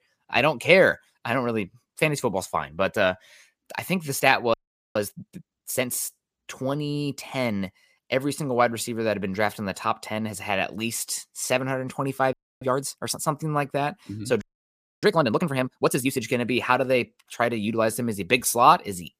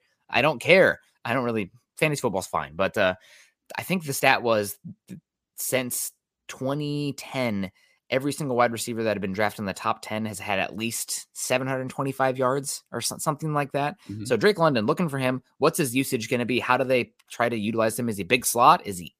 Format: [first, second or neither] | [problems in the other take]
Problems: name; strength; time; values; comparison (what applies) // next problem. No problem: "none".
second | audio freezing; at 4.5 s, at 12 s and at 14 s for 0.5 s